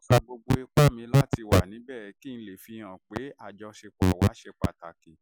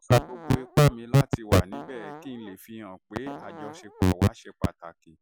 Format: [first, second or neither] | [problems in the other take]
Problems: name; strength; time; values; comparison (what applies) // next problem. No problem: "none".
first | background sound (Fart); 16 dB below the speech